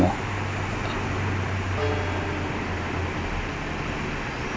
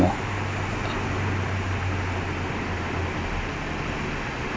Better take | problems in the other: second | background sound (Church bell); 12 dB below the speech

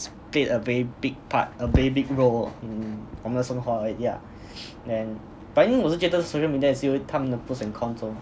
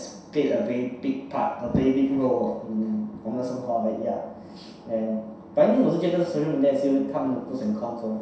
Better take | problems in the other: first | room echo; dies away in 0.7 s

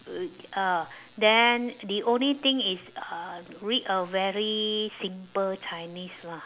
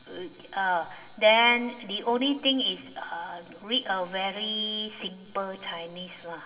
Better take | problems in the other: first | room echo; dies away in 1.6 s

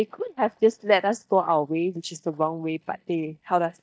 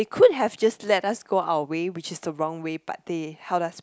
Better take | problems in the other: second | noise reduction (neural mask model DeepFilterNet 3)

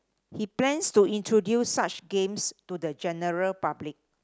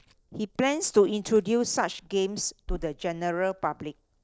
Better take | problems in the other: first | noise reduction (neural separator model SepFormer DNS4)

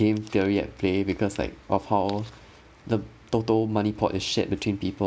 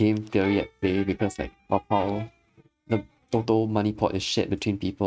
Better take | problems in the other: first | noise reduction (neural mask model RNNoise)

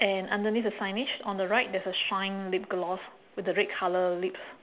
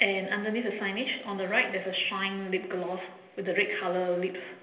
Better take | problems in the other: first | room echo; dies away in 1.4 s

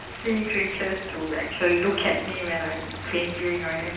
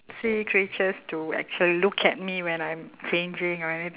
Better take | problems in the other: second | background sound (Stream); 11 dB below the speech // room echo; dies away in 0.9 s

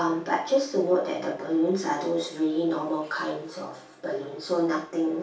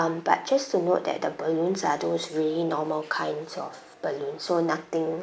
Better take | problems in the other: second | room echo; dies away in 0.3 s

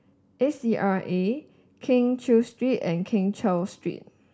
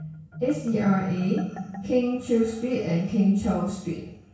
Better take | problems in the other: first | background sound (Marimba, xylophone); 15 dB below the speech // room echo; dies away in 0.6 s

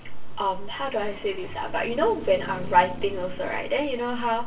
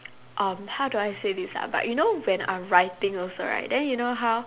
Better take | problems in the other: second | background sound (Traffic noise, roadway noise); 16 dB below the speech // room echo; dies away in 0.3 s

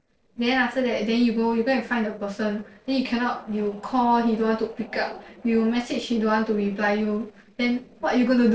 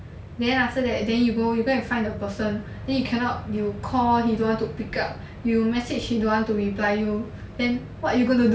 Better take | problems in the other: second | noise reduction (neural separator model SepFormer DNS4)

